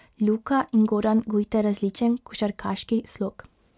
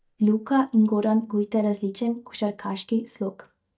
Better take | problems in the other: first | noise reduction (neural mask model DeepFilterNet 3)

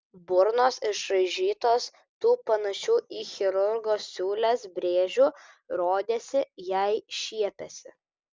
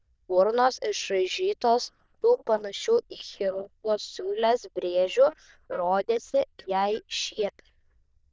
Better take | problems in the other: first | noise reduction (neural diffusion model UNIVERSE++)

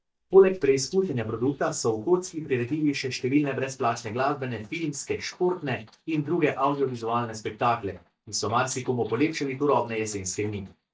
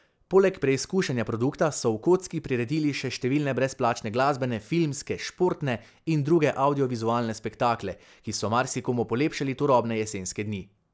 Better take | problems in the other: second | noise reduction (neural mask model DeepFilterNet 3)

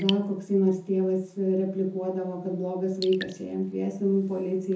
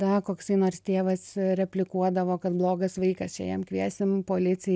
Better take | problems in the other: second | background sound (Raindrop / Drip); 18 dB below the speech // room echo; dies away in 0.5 s

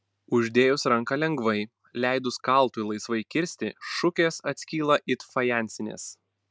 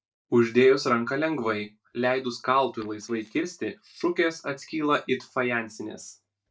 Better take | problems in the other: first | noise reduction (neural mask model DeepFilterNet 3)

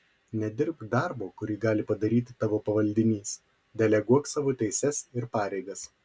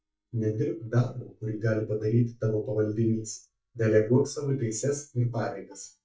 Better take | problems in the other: first | noise reduction (neural mask model DeepFilterNet 3)

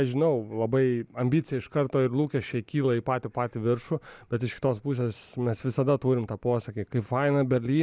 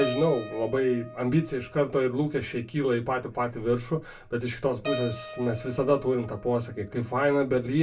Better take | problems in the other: first | background sound (Keyboard (musical)); 14 dB below the speech // room echo; dies away in 0.2 s

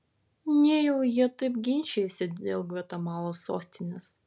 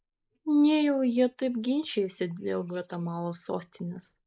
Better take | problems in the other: first | noise reduction (neural mask model Resemble Enhance denoiser)

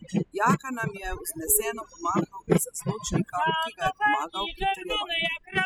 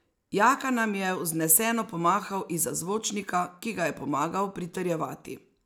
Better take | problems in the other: second | noise reduction (classical method spectral subtraction)

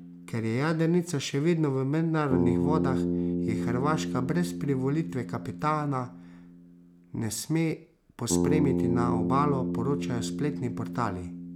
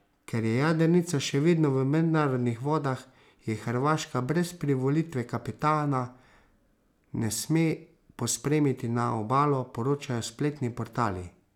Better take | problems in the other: second | background sound (Bass guitar); 2 dB below the speech

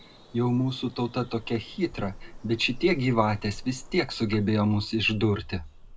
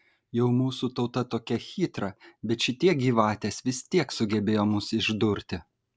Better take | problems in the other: second | background sound (Bird vocalization, bird call, bird song); 16 dB below the speech // room echo; dies away in 0.2 s

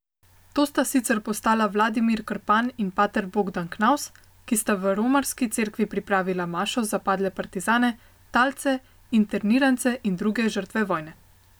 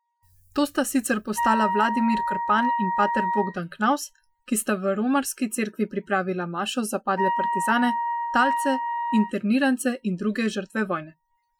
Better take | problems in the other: first | noise reduction (classical method Wiener filter)

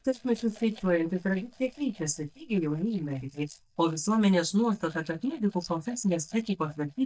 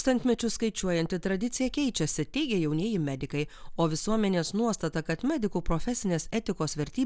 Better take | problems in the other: second | noise reduction (neural mask model DeepFilterNet 3)

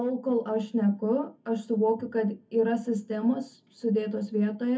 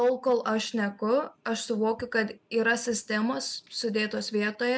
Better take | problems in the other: second | room echo; dies away in 0.3 s

